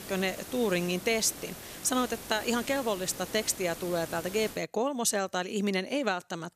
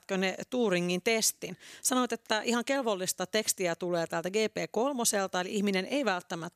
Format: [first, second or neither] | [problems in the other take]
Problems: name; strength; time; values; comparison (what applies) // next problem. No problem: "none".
second | hiss; noticeable; until 4.5 s; 10 dB below the speech